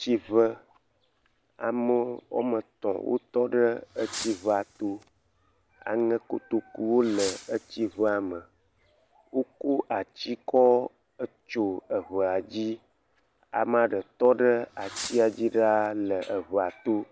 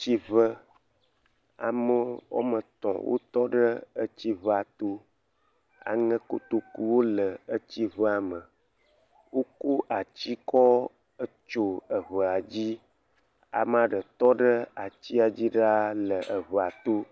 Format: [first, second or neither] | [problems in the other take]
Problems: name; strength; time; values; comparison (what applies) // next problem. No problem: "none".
second | background sound (Fireworks); 16 dB below the speech